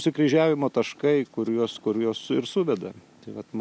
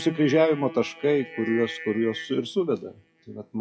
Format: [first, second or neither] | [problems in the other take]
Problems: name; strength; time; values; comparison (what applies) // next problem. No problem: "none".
first | noise reduction (classical method WPE with log-MMSE)